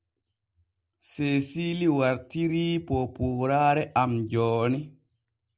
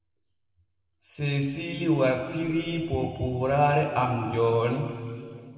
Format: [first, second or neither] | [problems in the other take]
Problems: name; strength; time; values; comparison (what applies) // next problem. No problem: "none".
first | room echo; dies away in 2.3 s